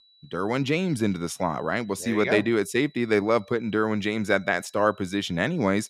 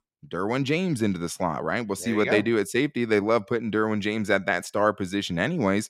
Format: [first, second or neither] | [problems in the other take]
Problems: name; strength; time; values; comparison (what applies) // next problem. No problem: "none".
second | high-pitched whine; faint; throughout; 4 kHz, 30 dB below the speech